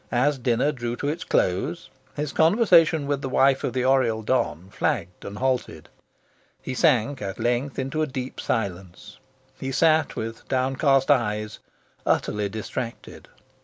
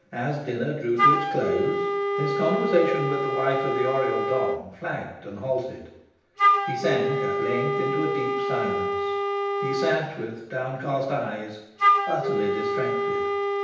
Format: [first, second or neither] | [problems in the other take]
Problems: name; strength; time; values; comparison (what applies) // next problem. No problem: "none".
first | background sound (Wind instrument, woodwind instrument); 3 dB above the speech // room echo; dies away in 0.9 s